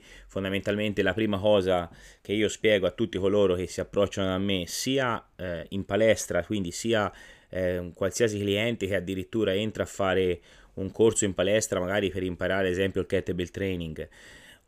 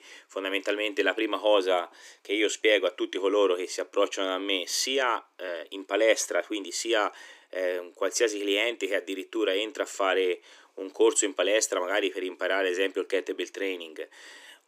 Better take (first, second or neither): first